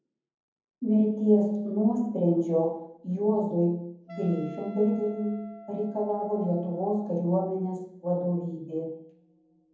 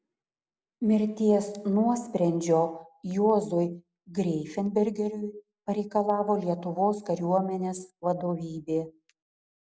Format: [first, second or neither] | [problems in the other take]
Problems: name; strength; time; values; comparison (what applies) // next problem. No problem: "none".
second | background sound (Wind instrument, woodwind instrument); 19 dB below the speech // room echo; dies away in 0.7 s